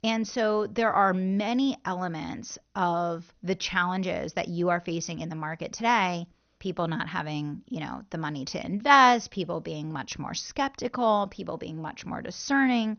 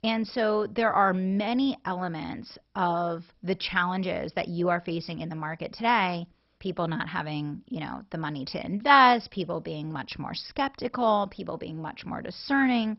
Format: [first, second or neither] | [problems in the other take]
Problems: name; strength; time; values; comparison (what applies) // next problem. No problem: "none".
first | garbled, watery; badly; nothing above 5.5 kHz; slightly in the first